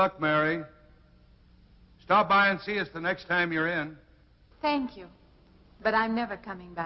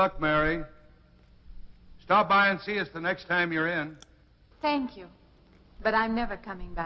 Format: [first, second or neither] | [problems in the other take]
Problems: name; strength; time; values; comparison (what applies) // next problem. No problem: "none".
first | background sound (Chewing, mastication); 16 dB below the speech